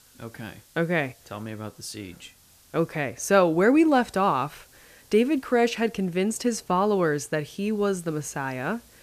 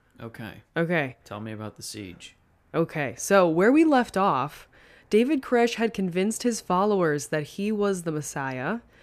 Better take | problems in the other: second | hiss; faint; throughout; 30 dB below the speech

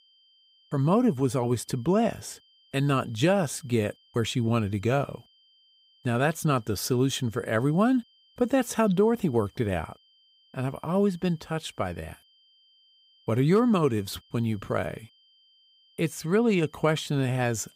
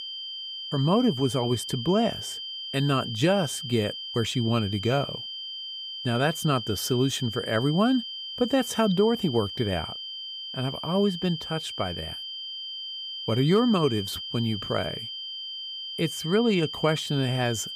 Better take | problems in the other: first | high-pitched whine; loud; throughout; 3 kHz, 7 dB below the speech; faint in the first

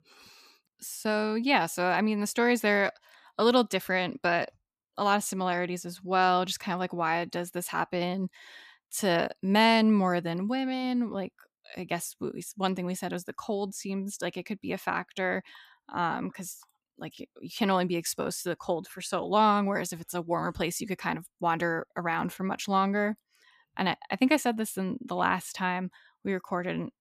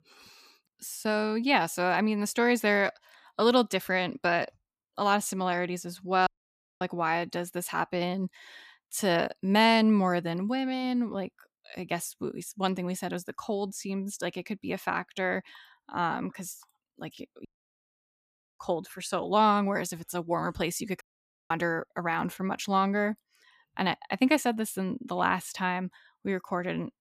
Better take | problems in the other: first | audio cutting out; at 6.5 s for 0.5 s, at 17 s for 1 s and at 21 s

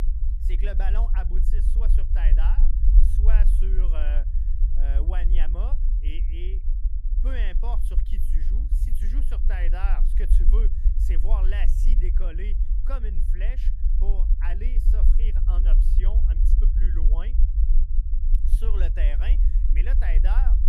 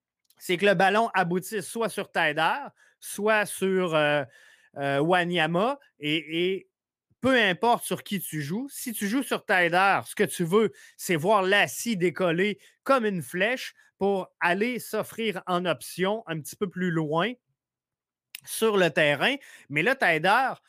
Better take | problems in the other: second | low rumble; loud; throughout; 6 dB below the speech

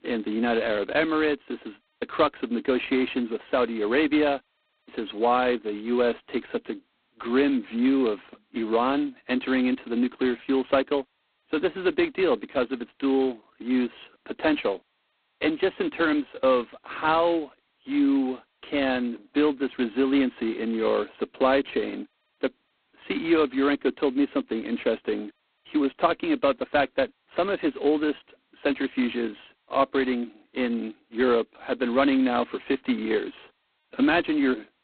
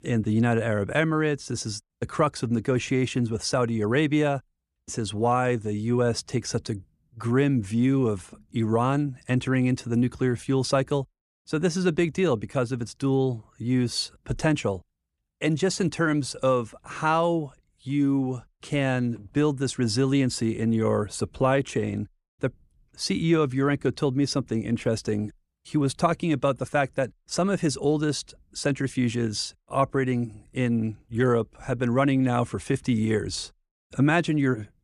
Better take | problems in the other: second | phone-call audio; poor line; nothing above 4 kHz

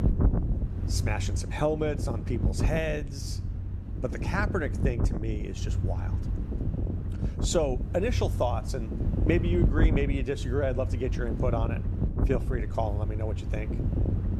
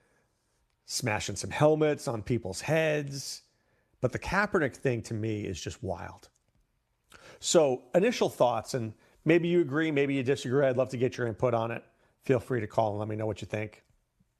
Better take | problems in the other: second | wind noise on the microphone; heavy; 9 dB below the speech

